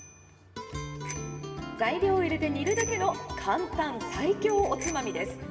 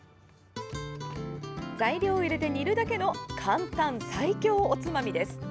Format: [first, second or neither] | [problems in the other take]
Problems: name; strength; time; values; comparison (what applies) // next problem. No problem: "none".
second | background sound (Bicycle bell); 16 dB below the speech // room echo; dies away in 1.9 s